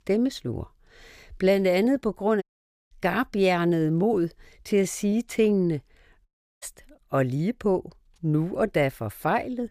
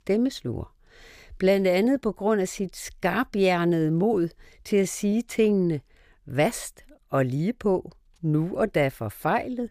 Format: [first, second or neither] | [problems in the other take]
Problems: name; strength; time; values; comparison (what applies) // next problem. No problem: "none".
second | audio cutting out; at 2.5 s and at 6.5 s